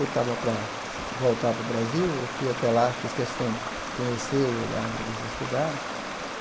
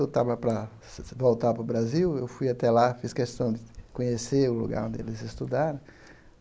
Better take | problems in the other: second | background sound (Stream); 5 dB below the speech

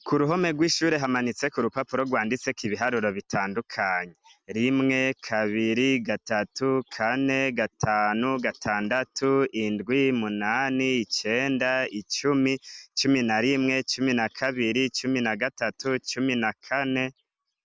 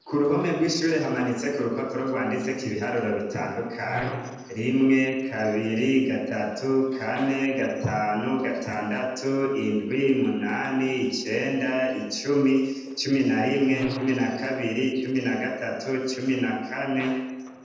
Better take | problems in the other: first | noise reduction (neural separator model SepFormer DNS4)

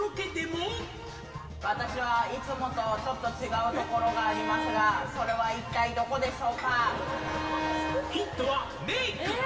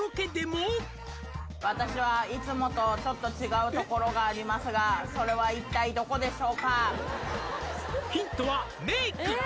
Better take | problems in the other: second | background sound (Bowed string instrument); 8 dB below the speech // room echo; dies away in 2.5 s

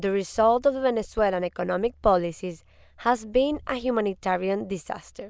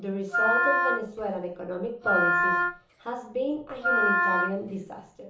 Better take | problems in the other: first | background sound (Wind instrument, woodwind instrument); 5 dB above the speech // room echo; dies away in 1.2 s

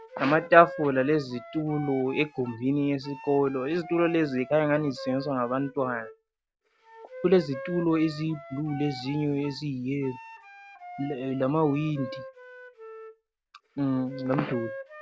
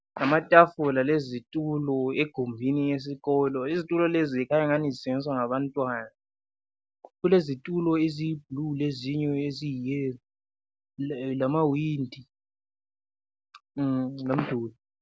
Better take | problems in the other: second | background sound (Wind instrument, woodwind instrument); 15 dB below the speech

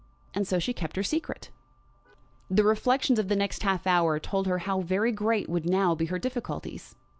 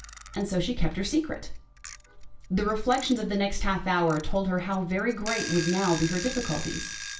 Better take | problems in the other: first | background sound (Alarm / Clock); 13 dB below the speech // room echo; dies away in 0.3 s

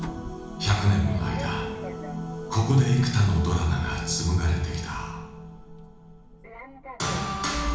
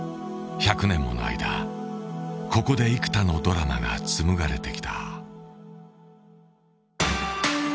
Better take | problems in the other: second | background sound (Sliding door); 15 dB below the speech // room echo; dies away in 1 s

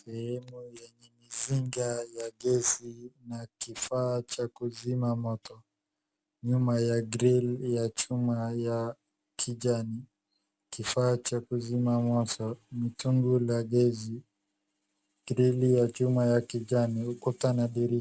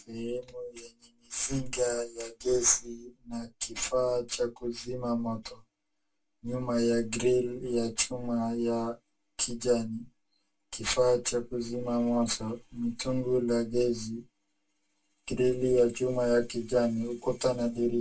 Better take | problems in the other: first | room echo; dies away in 0.1 s

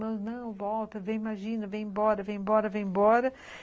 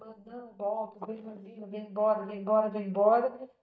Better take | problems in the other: first | noise reduction (neural mask model DeepFilterNet 3)

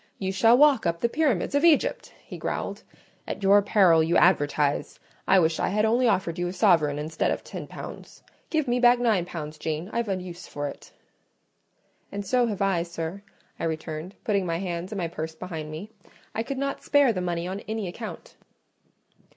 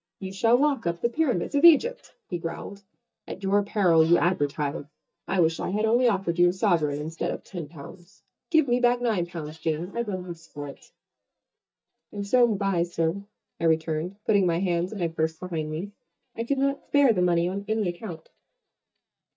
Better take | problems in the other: first | noise reduction (neural mask model DeepFilterNet 3)

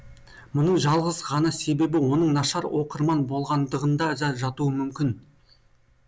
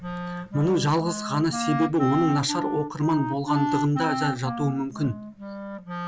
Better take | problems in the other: first | background sound (Wind instrument, woodwind instrument); 5 dB below the speech

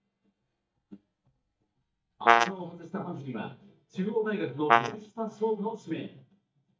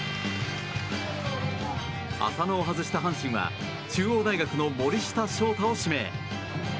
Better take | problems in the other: second | noise reduction (neural mask model DeepFilterNet 3)

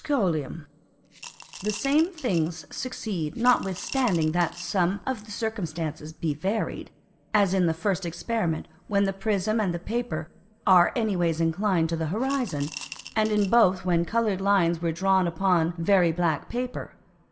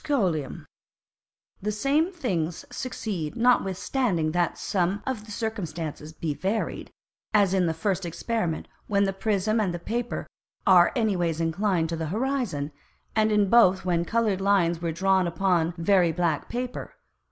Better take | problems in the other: second | background sound (Coin (dropping) / Glass); 16 dB below the speech // room echo; dies away in 0.3 s

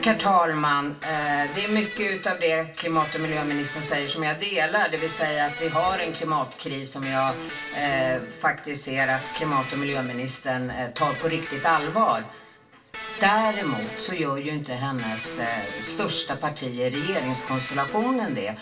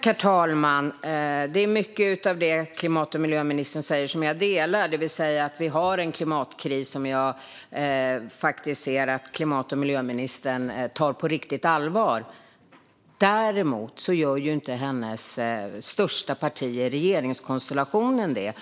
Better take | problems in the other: second | background sound (Electric guitar); 11 dB below the speech // room echo; dies away in 0.2 s

